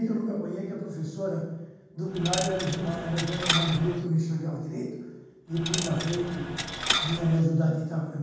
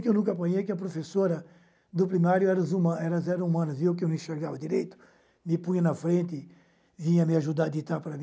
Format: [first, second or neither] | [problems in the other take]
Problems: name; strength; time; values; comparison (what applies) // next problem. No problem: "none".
second | background sound (Coin (dropping)); 3 dB below the speech // room echo; dies away in 1.2 s